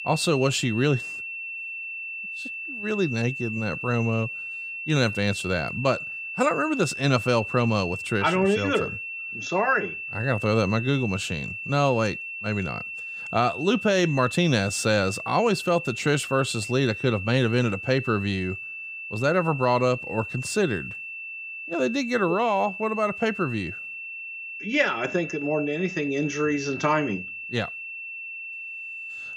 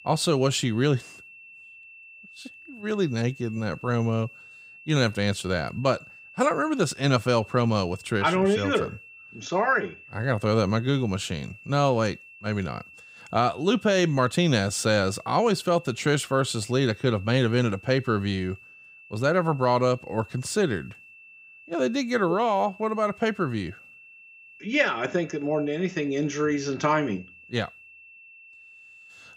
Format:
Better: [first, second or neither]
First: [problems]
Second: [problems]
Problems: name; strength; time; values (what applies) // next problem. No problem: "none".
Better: second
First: high-pitched whine; loud; throughout; 2.5 kHz, 8 dB below the speech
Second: high-pitched whine; faint; throughout; 2.5 kHz, 20 dB below the speech